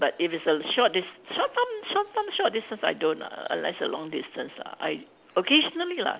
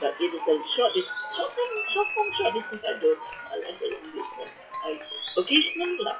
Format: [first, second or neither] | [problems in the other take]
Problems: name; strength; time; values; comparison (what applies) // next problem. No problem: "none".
first | noise reduction (classical method WPE with log-MMSE)